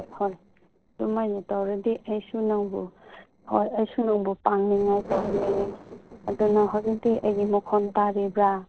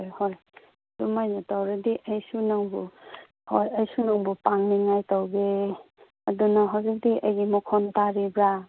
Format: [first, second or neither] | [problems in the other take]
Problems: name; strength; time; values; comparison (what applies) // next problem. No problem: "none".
second | noise reduction (neural separator model SepFormer DNS4)